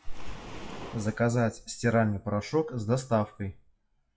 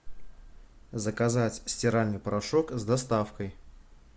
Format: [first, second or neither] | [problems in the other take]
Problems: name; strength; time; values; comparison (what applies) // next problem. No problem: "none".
second | noise reduction (classical method WPE with log-MMSE)